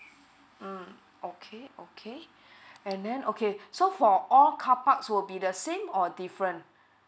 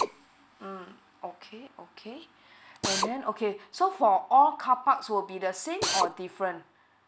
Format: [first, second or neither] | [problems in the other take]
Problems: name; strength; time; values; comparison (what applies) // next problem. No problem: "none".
first | background sound (Drill); 8 dB below the speech